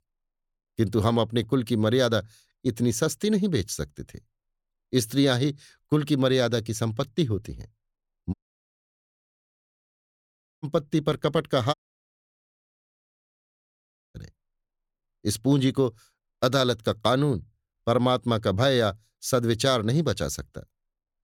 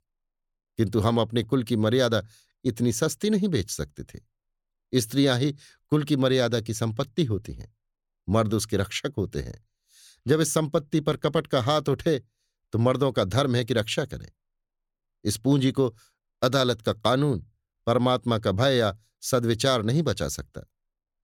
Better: second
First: audio cutting out; at 8.5 s for 2.5 s and at 12 s for 2.5 s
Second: none

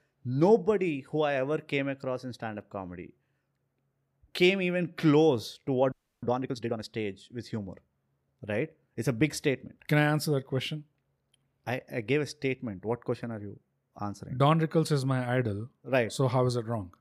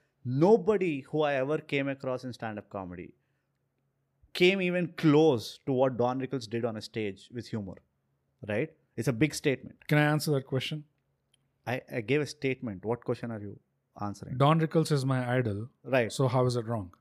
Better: second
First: audio freezing; at 6 s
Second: none

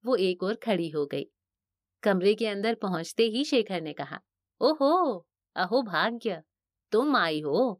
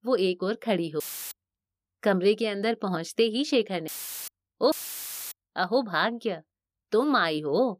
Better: first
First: none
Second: audio cutting out; filled with static; at 1 s, at 4 s and at 4.5 s for 0.5 s

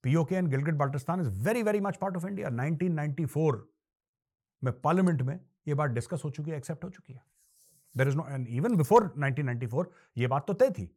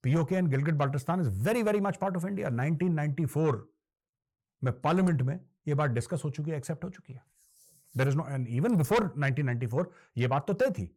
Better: first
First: none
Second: distortion; slight; 10 dB below the speech

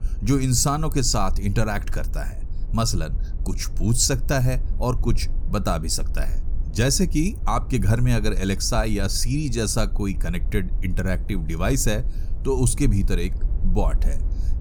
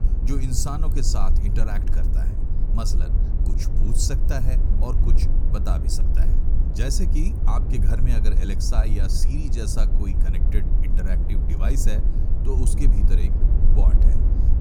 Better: first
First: low rumble; faint; throughout; 20 dB below the speech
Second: low rumble; loud; throughout; 5 dB below the speech

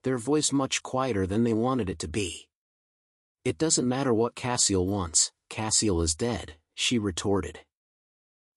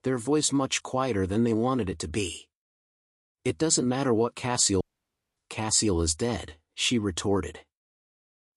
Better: first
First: none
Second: audio cutting out; at 5 s for 0.5 s

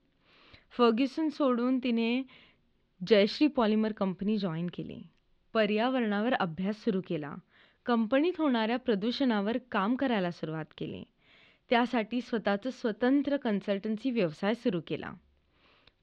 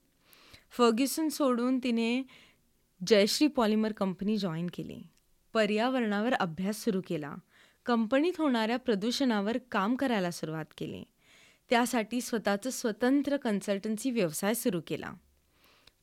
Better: second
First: muffled; slightly; fading above 3.5 kHz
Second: none

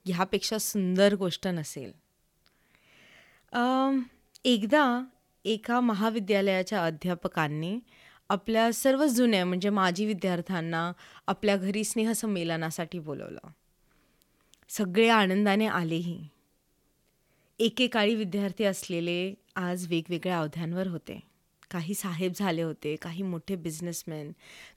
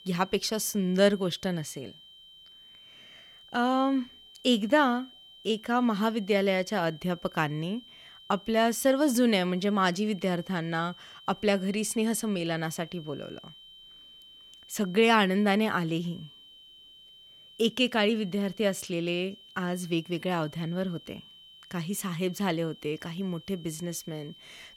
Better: first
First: none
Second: high-pitched whine; faint; throughout; 3 kHz, 20 dB below the speech

